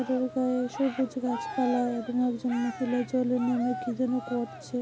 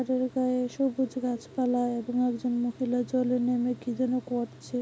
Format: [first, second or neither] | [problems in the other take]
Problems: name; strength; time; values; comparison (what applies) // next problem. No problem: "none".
second | background sound (Cheering); 12 dB below the speech